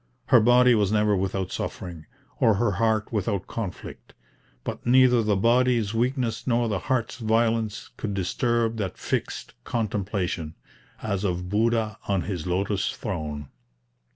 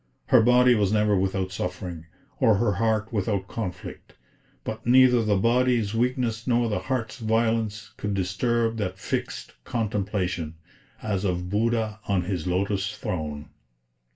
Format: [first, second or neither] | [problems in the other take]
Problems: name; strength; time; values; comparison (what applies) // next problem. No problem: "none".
first | room echo; dies away in 0.2 s